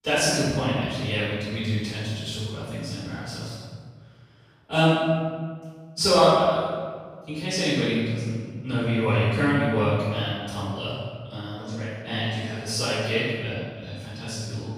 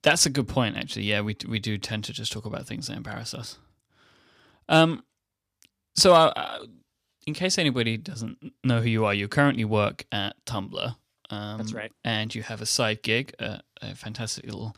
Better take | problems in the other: second | off-mic speech; far // room echo; strong; dies away in 1.6 s

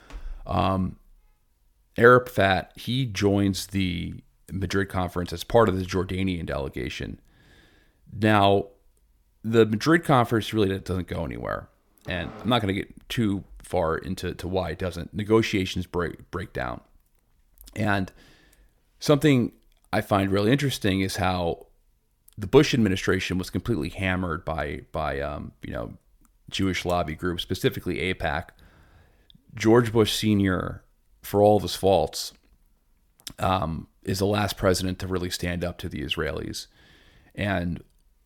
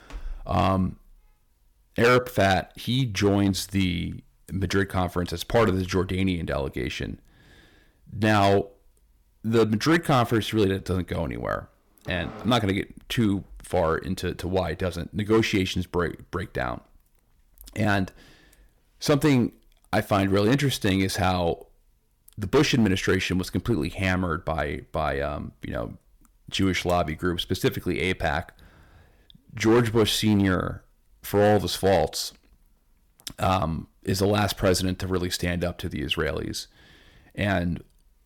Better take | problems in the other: first | distortion; slight; 3% of the sound clipped

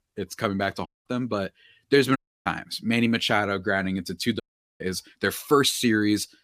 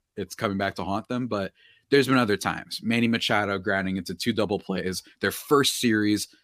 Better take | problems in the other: second | audio cutting out; at 1 s, at 2 s and at 4.5 s

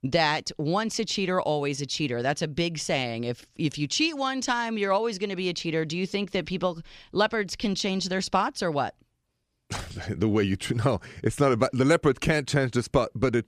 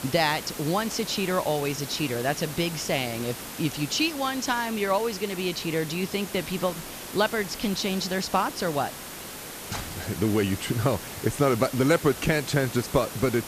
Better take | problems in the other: first | hiss; loud; throughout; 10 dB below the speech

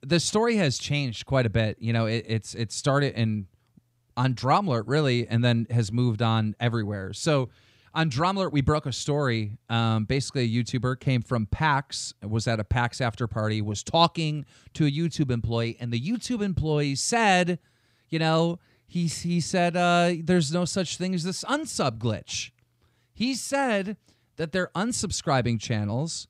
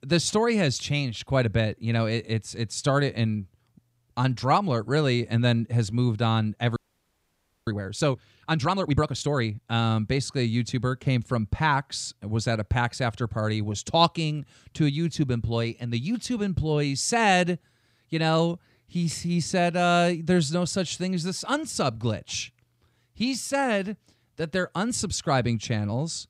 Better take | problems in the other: first | audio freezing; at 7 s for 1 s

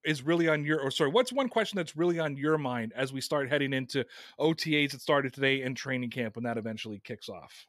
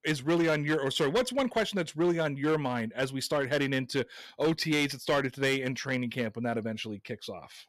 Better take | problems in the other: first | distortion; slight; 6% of the sound clipped

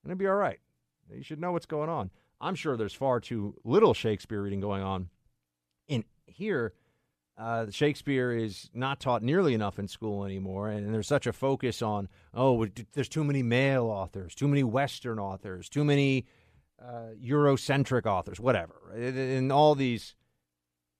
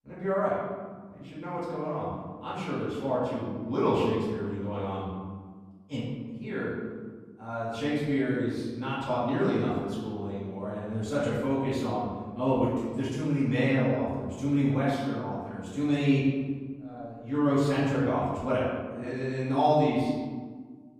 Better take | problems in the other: first | room echo; strong; dies away in 1.5 s // off-mic speech; far

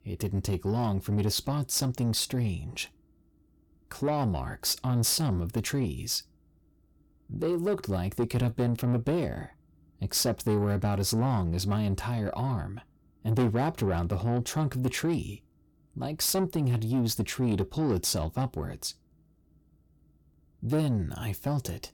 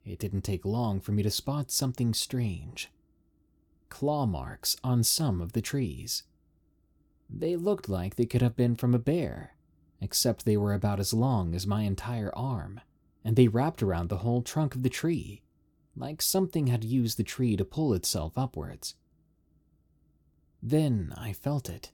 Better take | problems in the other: second | distortion; slight; 10 dB below the speech

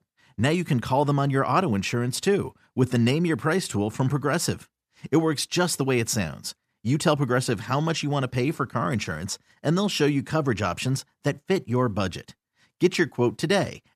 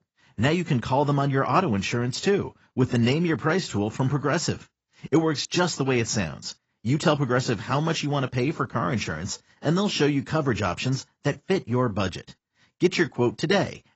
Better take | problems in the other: first | garbled, watery; badly; nothing above 7.5 kHz

